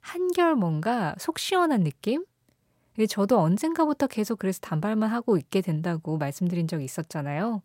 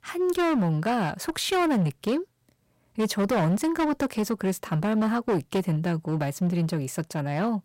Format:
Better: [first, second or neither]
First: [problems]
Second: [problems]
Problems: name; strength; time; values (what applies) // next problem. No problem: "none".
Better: first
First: none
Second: distortion; slight; 14% of the sound clipped